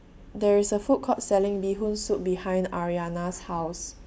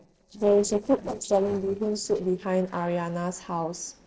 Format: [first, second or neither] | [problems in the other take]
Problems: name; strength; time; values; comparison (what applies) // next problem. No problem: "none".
first | noise reduction (neural separator model SepFormer DNS4)